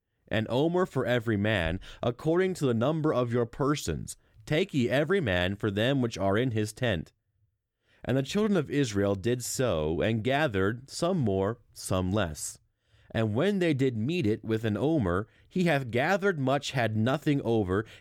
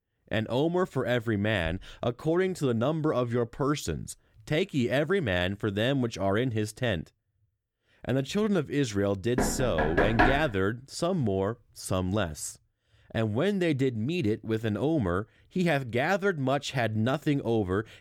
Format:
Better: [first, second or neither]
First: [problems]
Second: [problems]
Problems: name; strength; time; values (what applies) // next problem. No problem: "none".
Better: first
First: none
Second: door banging; loud; from 9.5 to 10 s; peak 4 dB above the speech